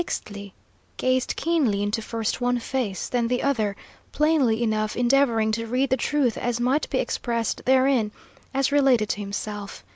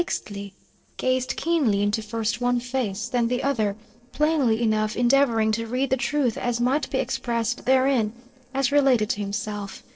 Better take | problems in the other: first | noise reduction (neural separator model SepFormer DNS4)

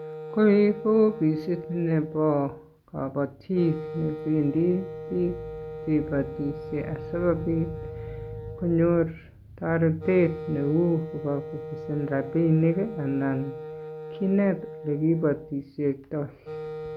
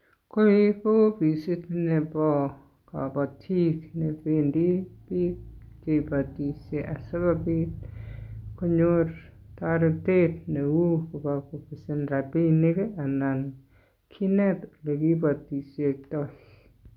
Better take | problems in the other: second | background sound (Wind instrument, woodwind instrument); 12 dB below the speech

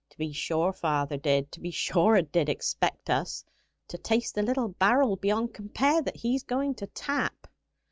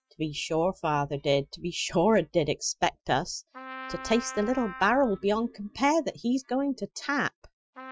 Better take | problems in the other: first | noise reduction (classical method Wiener filter)

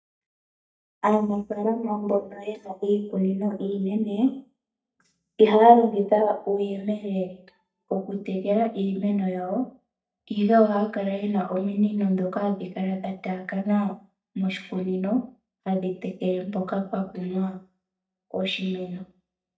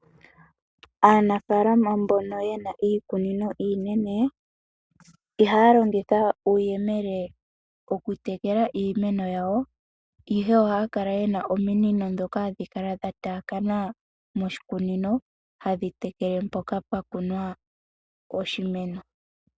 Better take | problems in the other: second | noise reduction (neural mask model DeepFilterNet 3)

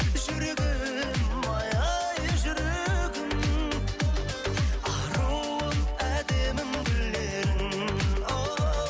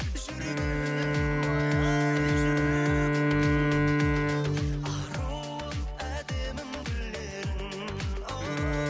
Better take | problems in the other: first | background sound (Bowed string instrument); 4 dB above the speech

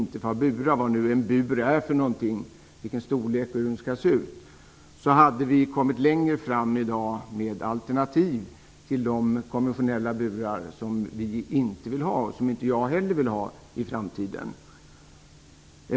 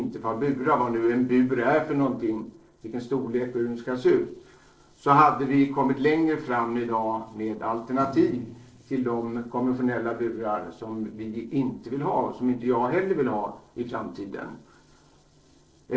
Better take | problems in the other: first | noise reduction (neural separator model SepFormer DNS4)

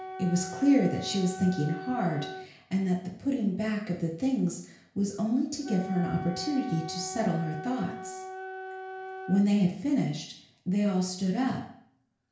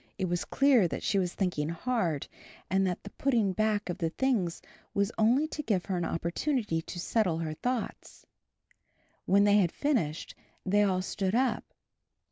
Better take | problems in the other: second | background sound (Wind instrument, woodwind instrument); 13 dB below the speech // room echo; dies away in 0.5 s

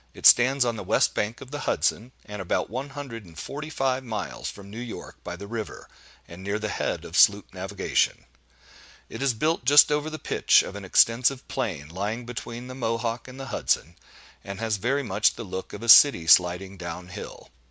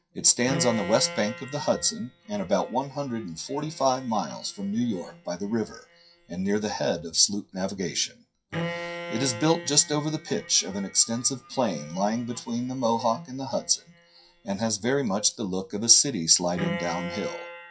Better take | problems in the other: first | noise reduction (classical method WPE with log-MMSE)

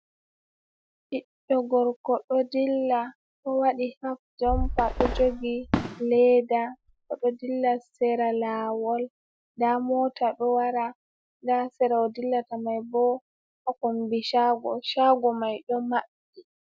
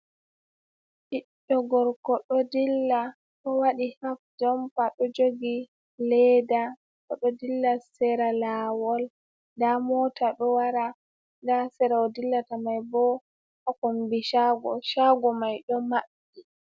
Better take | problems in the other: second | noise reduction (classical method Wiener filter)

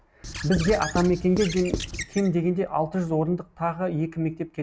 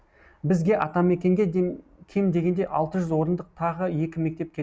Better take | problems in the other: second | background sound (Squeak / Writing); 8 dB below the speech

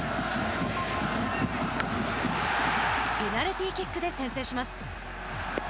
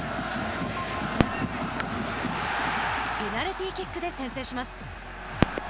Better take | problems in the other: first | background sound (Fireworks); 5 dB below the speech

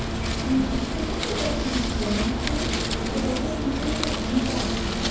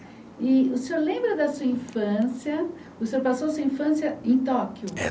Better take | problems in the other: second | background sound (Wind); 3 dB above the speech // room echo; dies away in 1.2 s

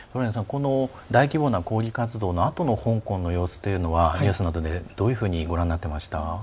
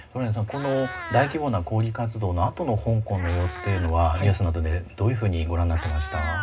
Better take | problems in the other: first | background sound (Meow); 15 dB below the speech // room echo; dies away in 0.2 s

